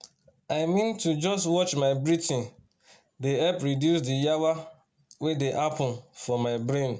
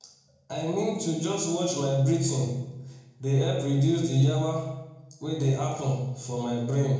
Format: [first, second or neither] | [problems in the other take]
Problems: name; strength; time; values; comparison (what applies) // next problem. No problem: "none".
first | room echo; dies away in 0.8 s